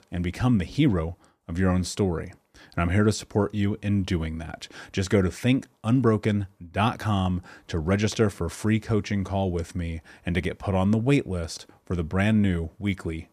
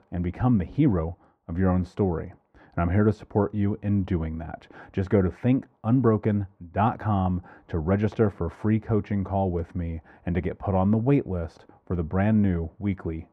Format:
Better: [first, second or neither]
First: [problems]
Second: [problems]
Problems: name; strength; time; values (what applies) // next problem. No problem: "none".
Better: first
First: none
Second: muffled; very; fading above 3 kHz